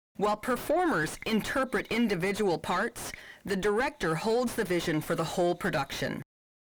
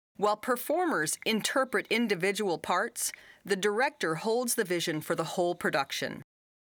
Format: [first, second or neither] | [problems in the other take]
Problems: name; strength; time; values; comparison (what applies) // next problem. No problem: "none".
second | distortion; heavy; 5 dB below the speech